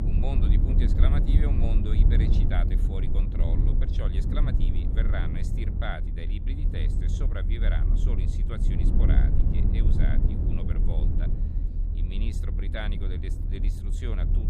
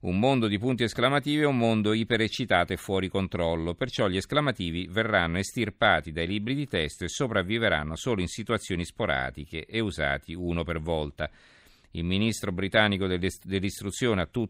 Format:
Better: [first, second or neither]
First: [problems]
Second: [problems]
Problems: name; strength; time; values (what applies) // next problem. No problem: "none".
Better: second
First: low rumble; loud; throughout; 1 dB below the speech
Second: none